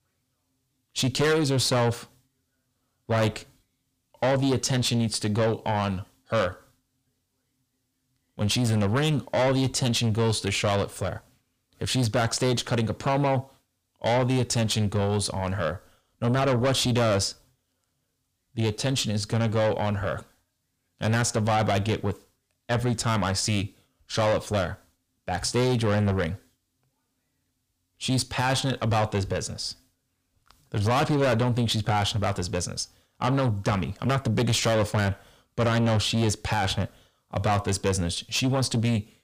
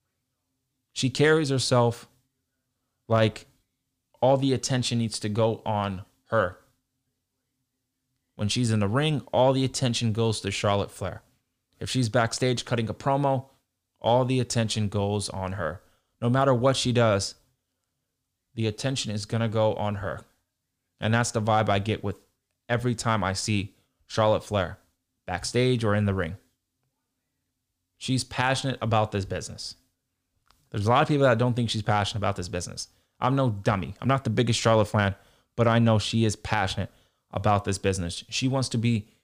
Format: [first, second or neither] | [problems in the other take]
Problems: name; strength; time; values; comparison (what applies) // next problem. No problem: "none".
second | distortion; heavy; 8 dB below the speech